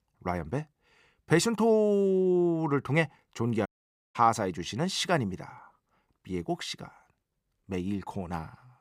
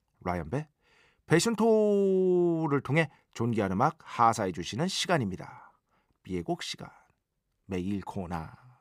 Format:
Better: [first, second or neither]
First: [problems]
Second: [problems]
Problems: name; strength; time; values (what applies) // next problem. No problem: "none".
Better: second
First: audio cutting out; at 3.5 s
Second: none